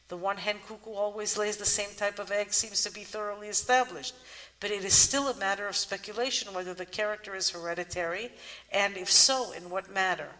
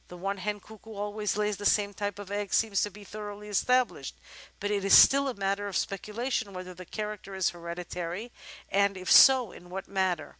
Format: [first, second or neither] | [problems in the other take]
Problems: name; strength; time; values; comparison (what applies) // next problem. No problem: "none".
second | room echo; dies away in 1 s